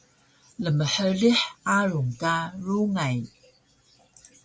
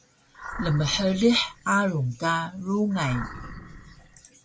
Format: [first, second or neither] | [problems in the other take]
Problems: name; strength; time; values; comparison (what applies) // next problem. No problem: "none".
first | background sound (Animal); 13 dB below the speech